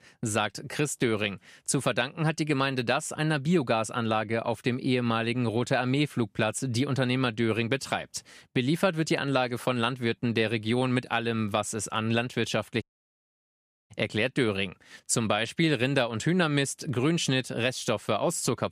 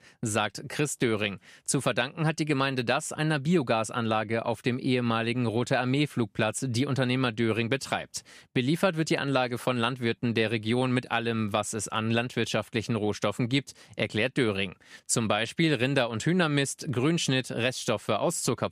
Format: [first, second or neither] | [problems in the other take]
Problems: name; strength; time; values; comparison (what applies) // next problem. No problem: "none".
second | audio cutting out; at 13 s for 1 s